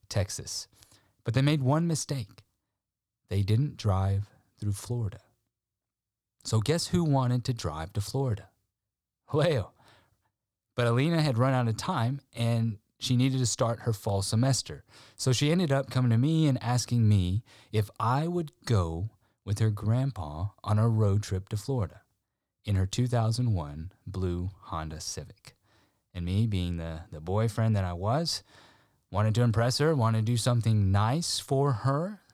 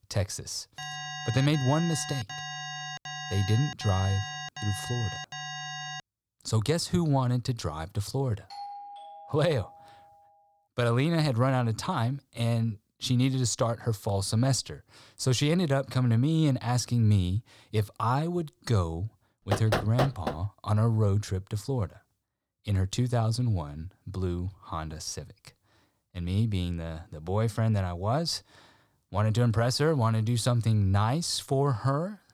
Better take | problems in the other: first | alarm; noticeable; from 1 to 6 s; peak 7 dB below the speech // doorbell; faint; from 8.5 to 10 s; peak 10 dB below the speech // door banging; noticeable; at 20 s; peak 1 dB below the speech

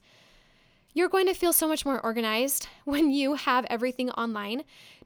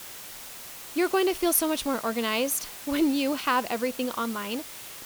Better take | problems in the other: first | hiss; noticeable; throughout; 10 dB below the speech

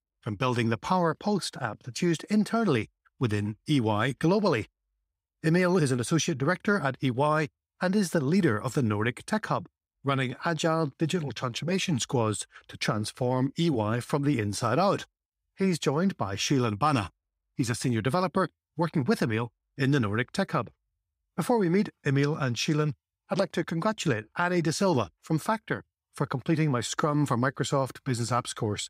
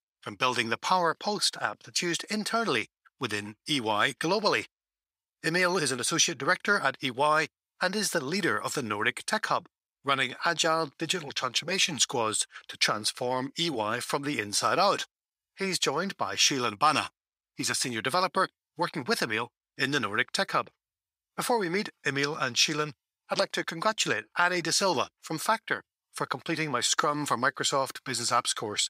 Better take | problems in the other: first | thin; somewhat; fading below 1 kHz

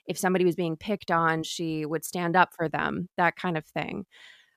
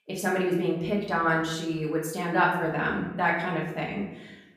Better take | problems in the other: first | room echo; noticeable; dies away in 0.8 s // off-mic speech; far

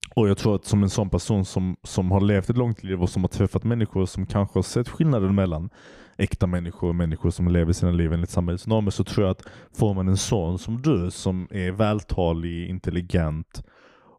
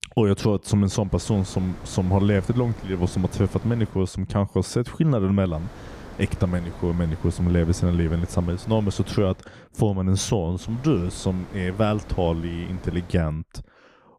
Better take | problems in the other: first | wind noise on the microphone; occasional gusts; from 1 to 4 s, from 5.5 to 9.5 s and from 11 to 13 s; 15 dB below the speech

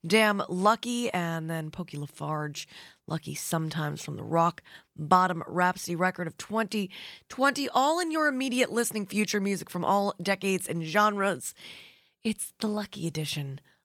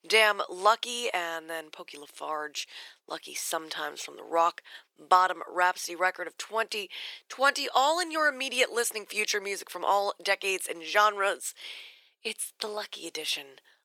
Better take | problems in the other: first | thin; very; fading below 400 Hz

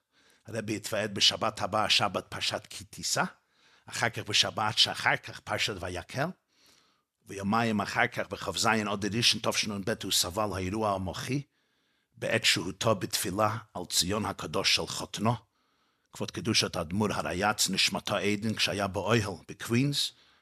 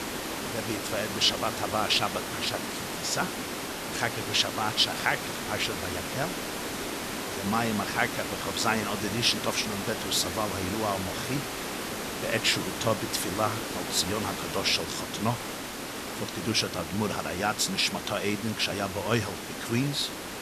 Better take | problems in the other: first | hiss; loud; throughout; 5 dB below the speech

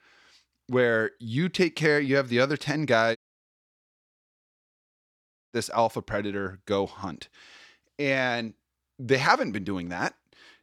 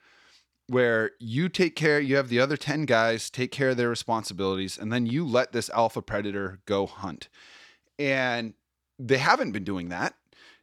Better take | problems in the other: second | audio cutting out; at 3 s for 2.5 s

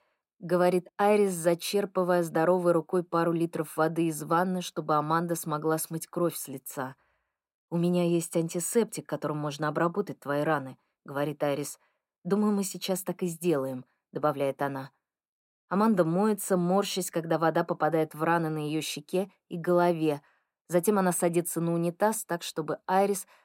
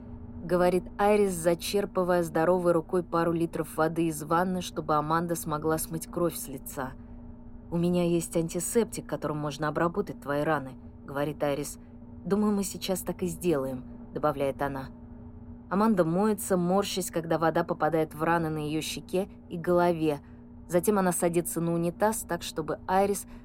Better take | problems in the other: first | low rumble; faint; throughout; 25 dB below the speech

